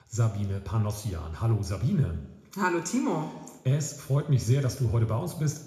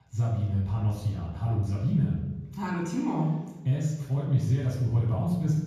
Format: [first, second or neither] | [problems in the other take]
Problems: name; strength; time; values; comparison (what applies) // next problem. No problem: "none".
first | room echo; strong; dies away in 1.3 s; slight in the first // off-mic speech; far; somewhat distant in the first